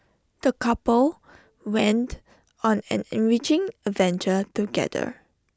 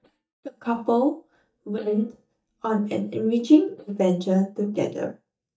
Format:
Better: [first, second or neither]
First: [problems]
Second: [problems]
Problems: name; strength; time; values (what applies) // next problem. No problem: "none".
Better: first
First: none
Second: noise reduction (neural mask model DeepFilterNet 3)